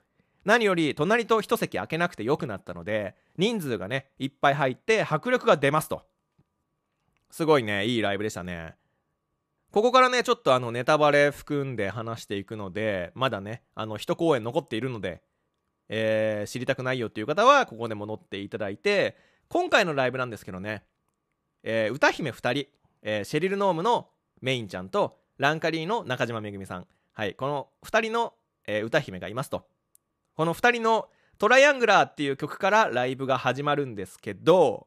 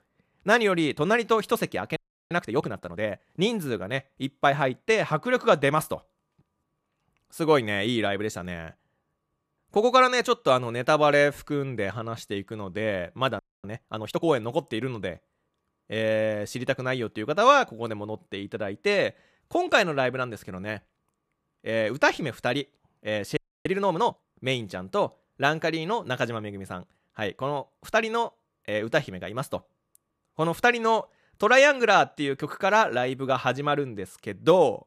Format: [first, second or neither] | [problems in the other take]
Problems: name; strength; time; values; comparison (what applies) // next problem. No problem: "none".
first | audio freezing; at 2 s, at 13 s and at 23 s